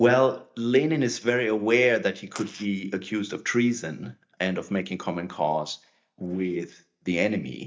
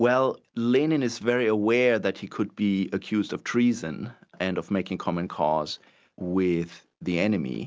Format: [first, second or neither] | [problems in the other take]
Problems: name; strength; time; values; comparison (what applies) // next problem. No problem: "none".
second | noise reduction (neural mask model DeepFilterNet 3)